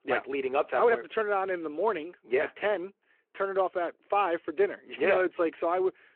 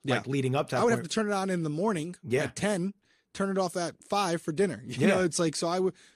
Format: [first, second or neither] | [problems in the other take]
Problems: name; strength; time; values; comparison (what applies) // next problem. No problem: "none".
second | phone-call audio